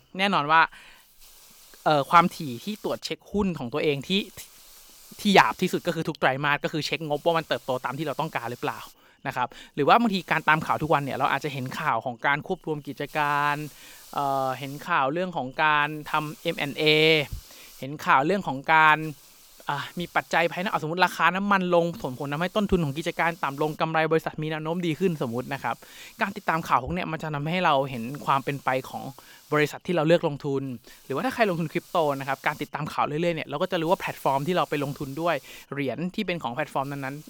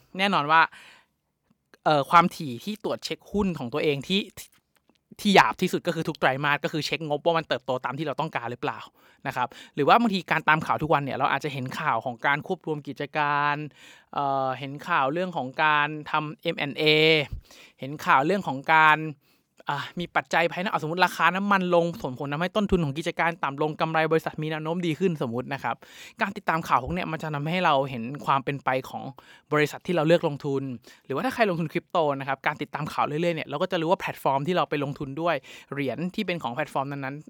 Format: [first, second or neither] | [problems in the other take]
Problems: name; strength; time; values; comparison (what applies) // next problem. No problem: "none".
second | hiss; faint; throughout; 25 dB below the speech